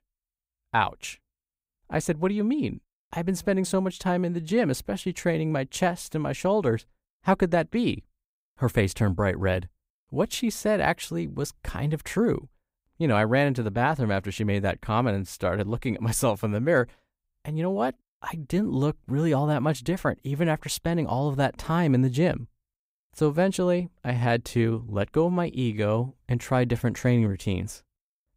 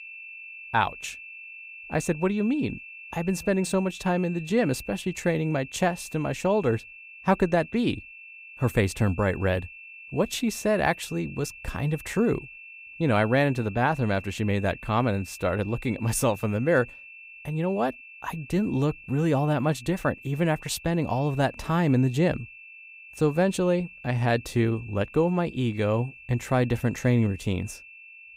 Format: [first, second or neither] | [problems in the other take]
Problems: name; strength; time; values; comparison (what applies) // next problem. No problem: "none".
first | high-pitched whine; noticeable; throughout; 2.5 kHz, 15 dB below the speech